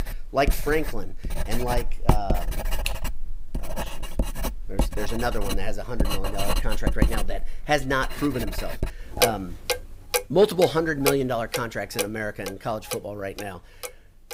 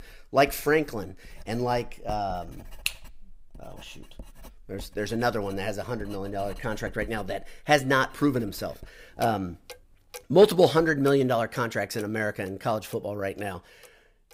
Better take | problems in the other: second | household noises; loud; throughout; 2 dB below the speech; faint in the second

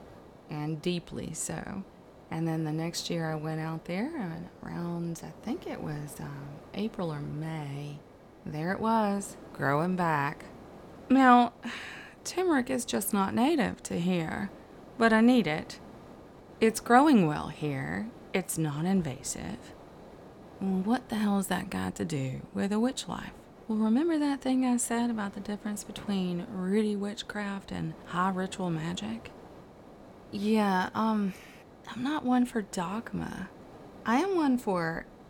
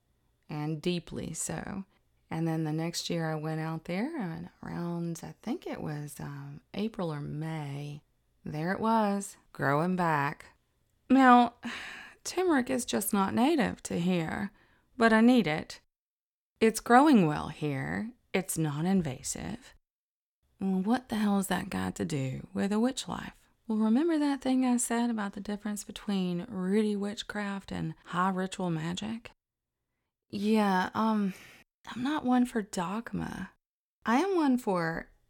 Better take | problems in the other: second | hiss; faint; throughout; 20 dB below the speech

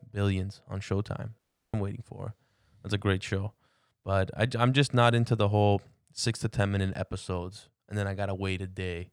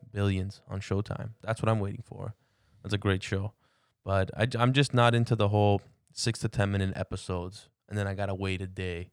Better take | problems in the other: second | audio cutting out; at 1.5 s

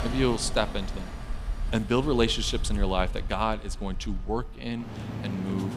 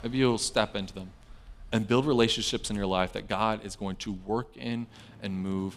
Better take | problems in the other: second | traffic noise; loud; throughout; 7 dB below the speech; faint in the second

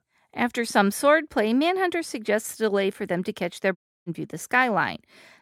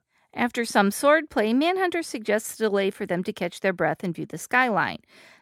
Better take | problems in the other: second | audio cutting out; at 4 s

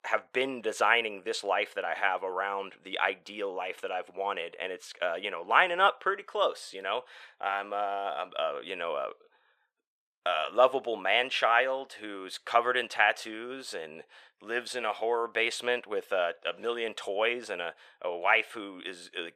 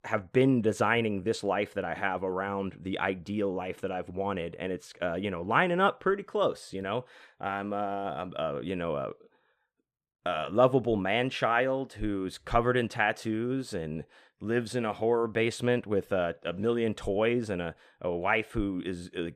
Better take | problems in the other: second | thin; very; fading below 700 Hz

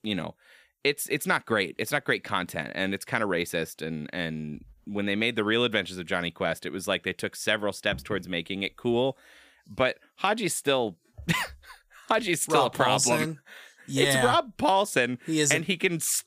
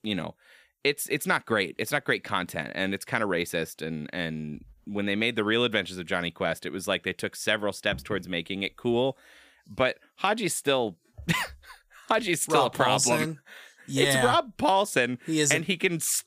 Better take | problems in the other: neither | none

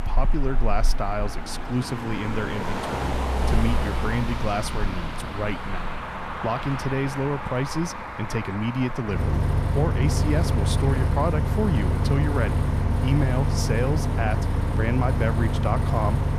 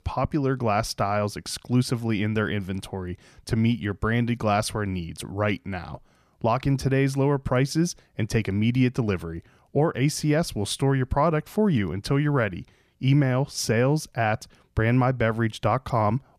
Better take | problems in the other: second | traffic noise; very loud; throughout; 2 dB above the speech

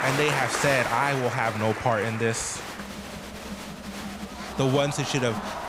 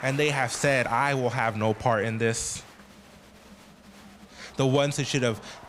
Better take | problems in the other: second | crowd noise; loud; throughout; 7 dB below the speech; faint in the second

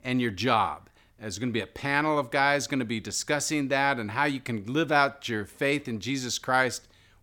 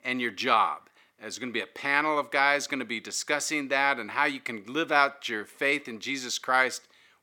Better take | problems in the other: first | thin; very slightly; fading below 300 Hz

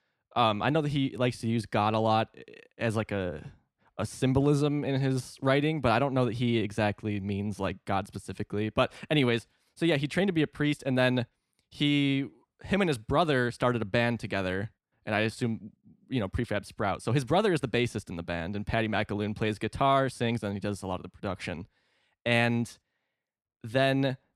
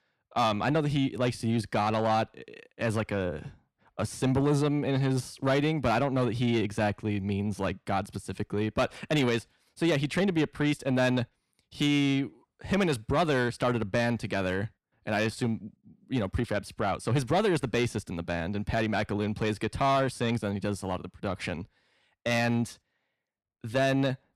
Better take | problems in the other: first | distortion; slight; 10 dB below the speech

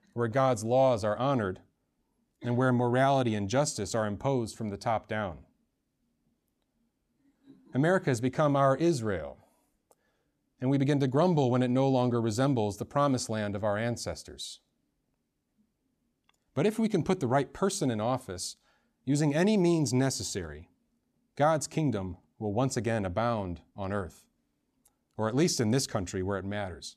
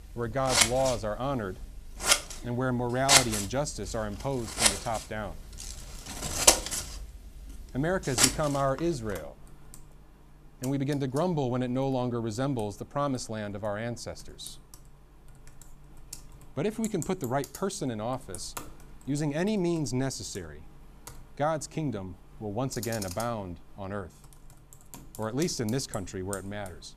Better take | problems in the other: first | household noises; very loud; throughout; 5 dB above the speech

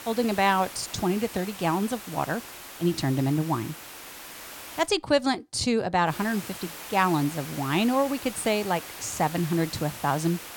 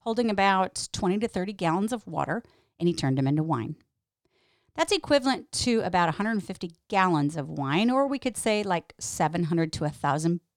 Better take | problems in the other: second | hiss; noticeable; until 5 s and from 6 s on; 10 dB below the speech

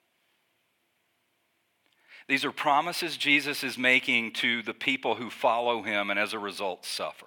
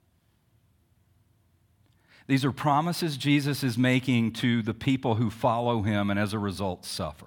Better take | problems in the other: second | thin; somewhat; fading below 450 Hz

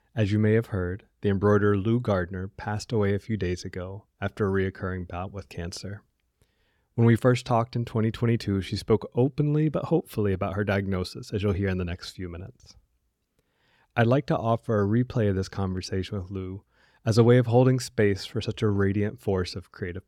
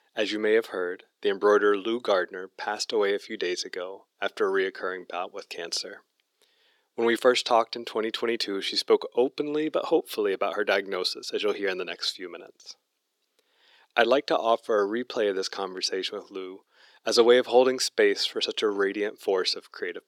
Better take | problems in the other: first | thin; very; fading below 350 Hz

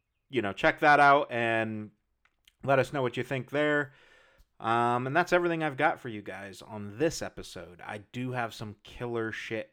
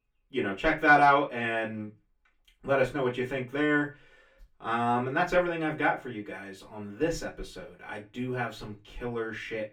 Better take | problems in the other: first | off-mic speech; far // room echo; very slight; dies away in 0.2 s

